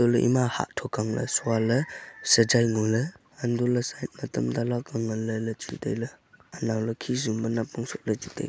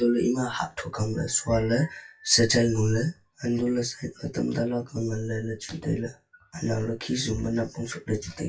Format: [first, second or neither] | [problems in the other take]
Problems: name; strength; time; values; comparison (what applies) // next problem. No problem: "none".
first | noise reduction (classical method WPE with log-MMSE)